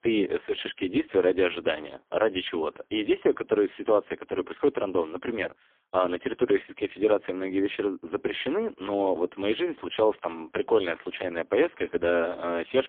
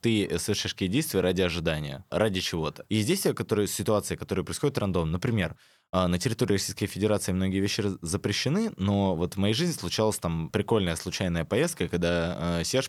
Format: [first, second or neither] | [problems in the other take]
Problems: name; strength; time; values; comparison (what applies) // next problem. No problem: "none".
second | phone-call audio; poor line; nothing above 3.5 kHz